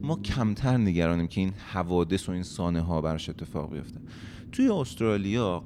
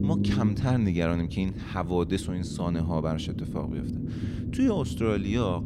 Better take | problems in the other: first | low rumble; loud; throughout; 8 dB below the speech; faint in the first

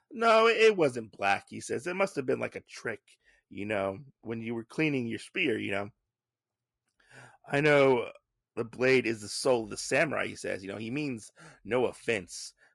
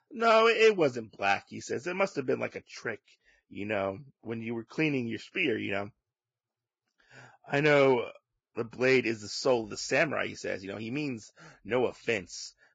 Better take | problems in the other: first | garbled, watery; badly; nothing above 7.5 kHz; slightly in the first

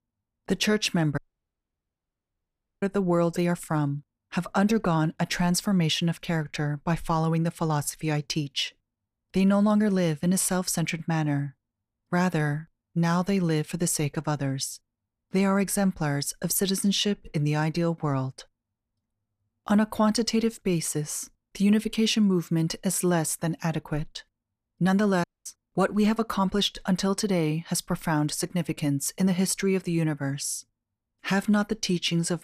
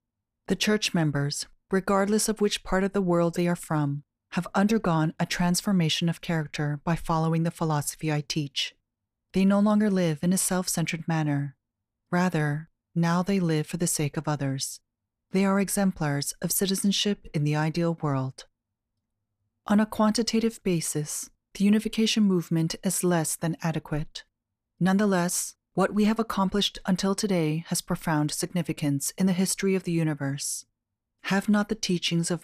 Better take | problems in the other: second | audio cutting out; at 1 s for 1.5 s and at 25 s

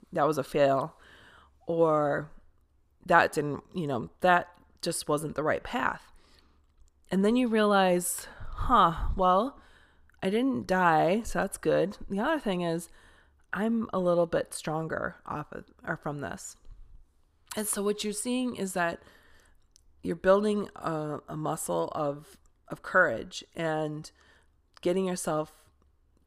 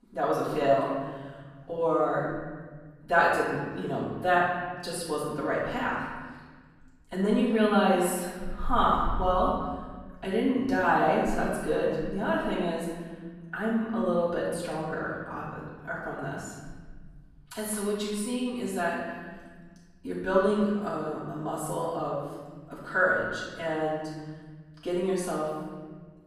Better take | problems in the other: first | off-mic speech; far // room echo; noticeable; dies away in 1.5 s

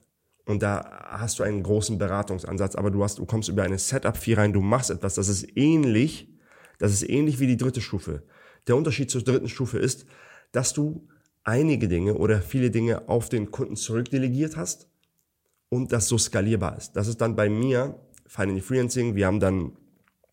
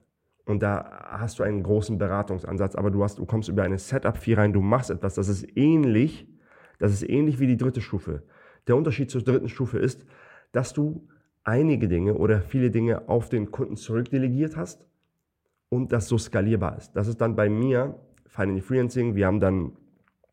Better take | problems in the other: first | muffled; slightly; fading above 3 kHz

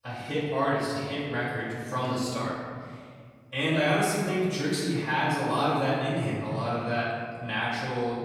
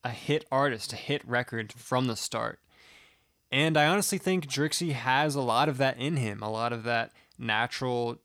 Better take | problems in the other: second | off-mic speech; far // room echo; strong; dies away in 2 s

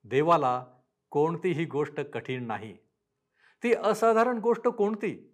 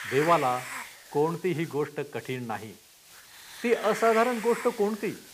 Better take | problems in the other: first | hiss; noticeable; throughout; 10 dB below the speech

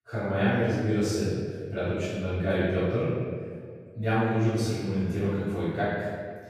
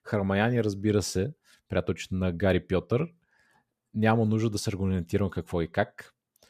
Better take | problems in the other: second | off-mic speech; far // room echo; strong; dies away in 1.6 s

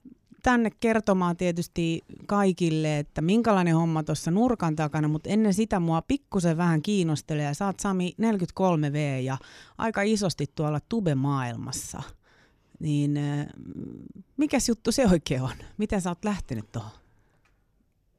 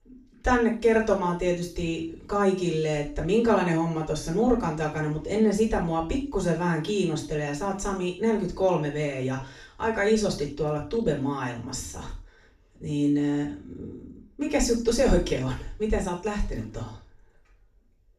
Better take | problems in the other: first | room echo; slight; dies away in 0.4 s // off-mic speech; far

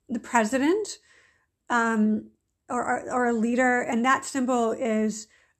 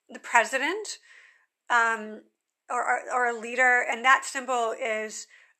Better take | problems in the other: first | thin; very; fading below 700 Hz

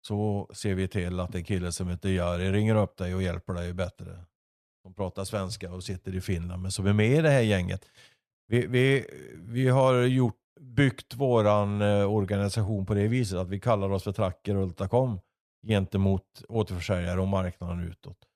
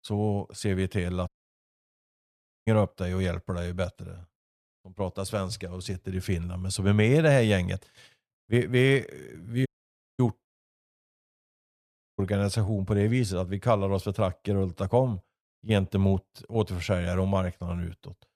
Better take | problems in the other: first | audio cutting out; at 1.5 s for 1.5 s, at 9.5 s for 0.5 s and at 11 s for 1.5 s

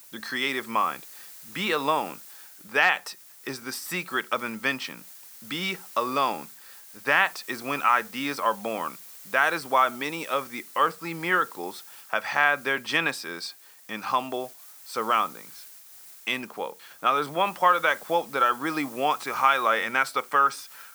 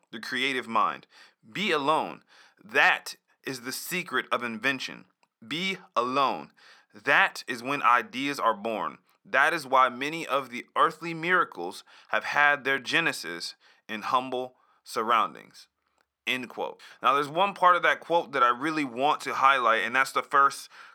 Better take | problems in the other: second | hiss; noticeable; throughout; 20 dB below the speech

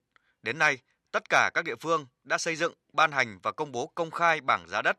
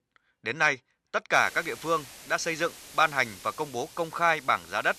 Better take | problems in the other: first | hiss; noticeable; from 1.5 s on; 15 dB below the speech

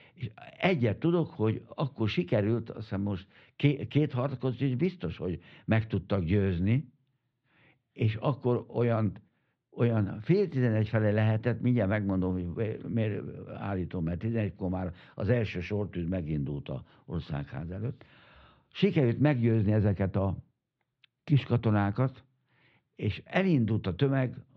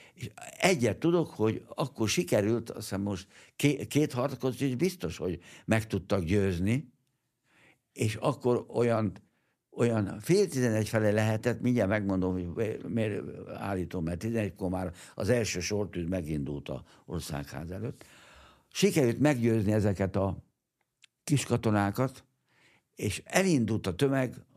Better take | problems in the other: second | muffled; very; fading above 3.5 kHz

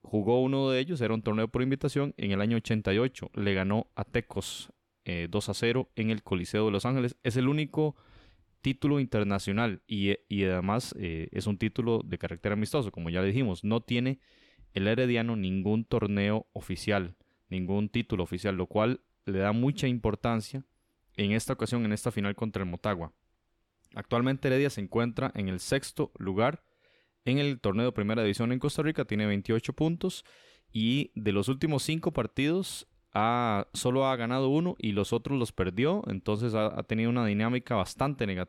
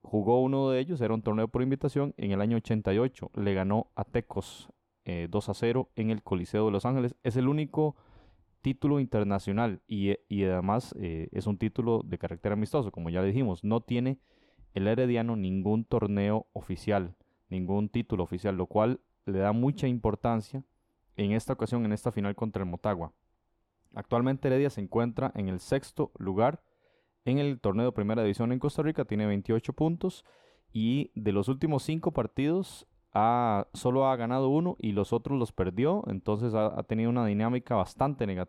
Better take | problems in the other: first | muffled; slightly; fading above 1 kHz

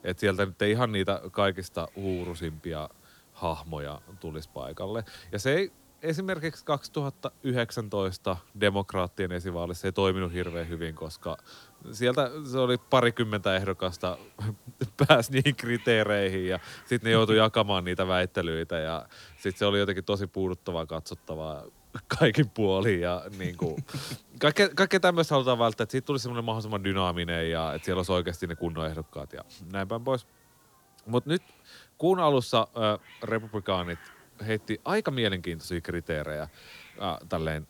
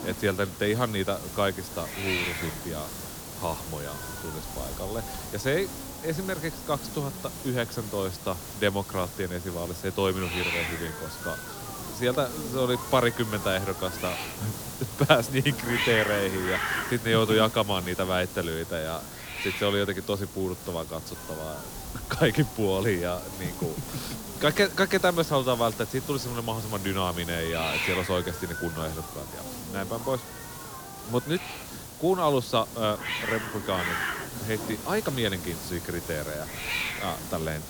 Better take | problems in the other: first | hiss; loud; throughout; 6 dB below the speech; faint in the first

